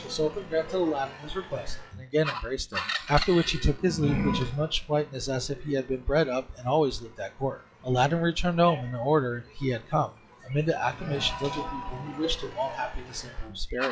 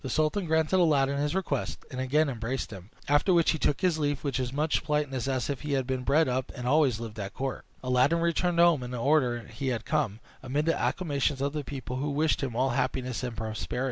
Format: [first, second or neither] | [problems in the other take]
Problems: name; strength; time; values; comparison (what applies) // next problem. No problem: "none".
second | noise reduction (classical method log-MMSE)